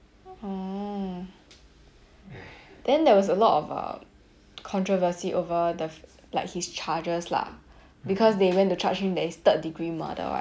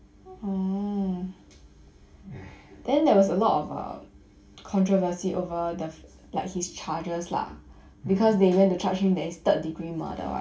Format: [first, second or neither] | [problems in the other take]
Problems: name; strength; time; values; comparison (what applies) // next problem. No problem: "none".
first | room echo; dies away in 0.2 s